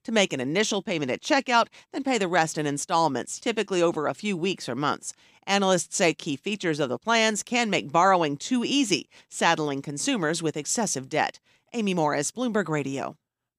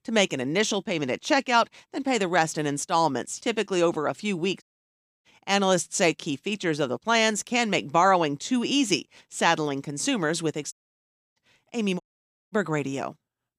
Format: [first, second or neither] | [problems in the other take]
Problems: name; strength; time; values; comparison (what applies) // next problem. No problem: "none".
first | audio cutting out; at 4.5 s for 0.5 s, at 11 s for 0.5 s and at 12 s for 0.5 s